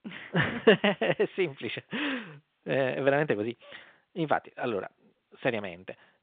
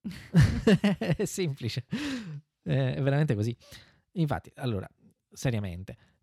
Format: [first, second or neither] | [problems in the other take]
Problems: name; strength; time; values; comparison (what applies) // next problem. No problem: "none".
second | phone-call audio